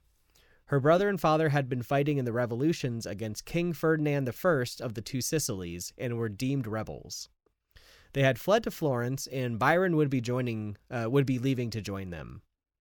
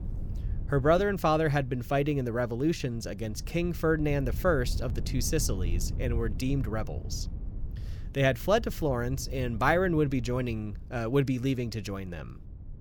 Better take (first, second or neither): first